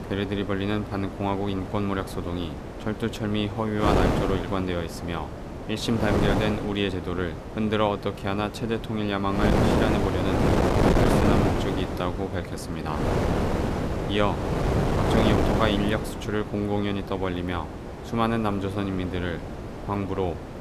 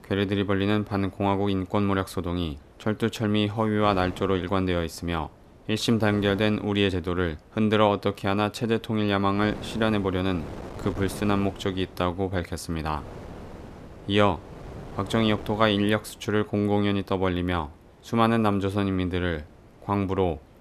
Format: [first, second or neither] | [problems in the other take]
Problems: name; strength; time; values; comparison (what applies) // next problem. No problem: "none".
second | wind noise on the microphone; heavy; 1 dB below the speech; occasional gusts in the second